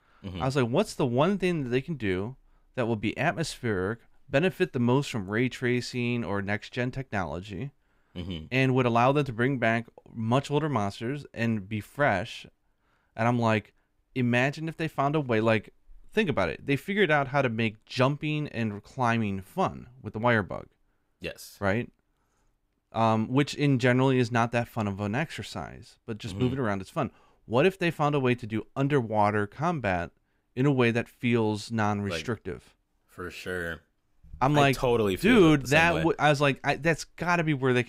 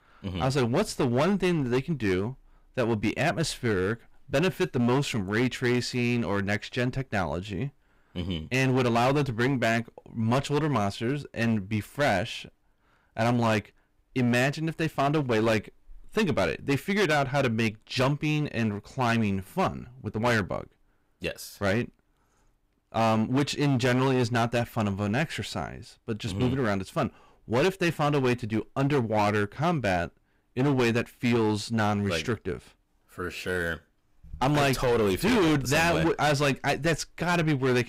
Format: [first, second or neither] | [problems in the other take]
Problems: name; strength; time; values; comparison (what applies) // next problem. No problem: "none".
first | distortion; heavy; 12% of the sound clipped